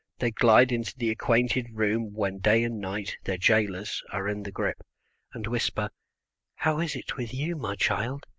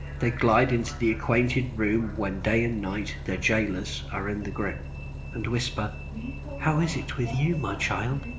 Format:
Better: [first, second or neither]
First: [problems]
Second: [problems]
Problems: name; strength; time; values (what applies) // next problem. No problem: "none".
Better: first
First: none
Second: background sound (Bus); 8 dB below the speech // room echo; dies away in 0.4 s